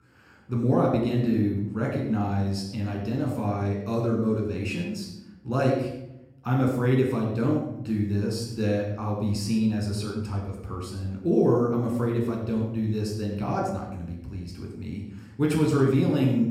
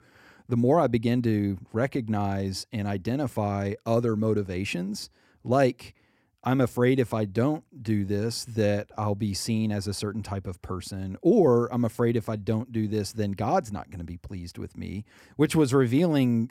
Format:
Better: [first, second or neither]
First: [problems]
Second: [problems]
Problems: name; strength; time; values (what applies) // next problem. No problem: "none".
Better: second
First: off-mic speech; somewhat distant // room echo; noticeable; dies away in 0.8 s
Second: none